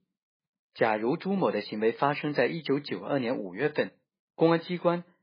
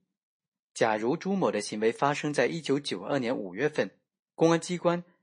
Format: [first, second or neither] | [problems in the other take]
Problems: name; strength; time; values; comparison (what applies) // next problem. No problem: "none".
second | garbled, watery; badly; nothing above 4 kHz; slightly in the second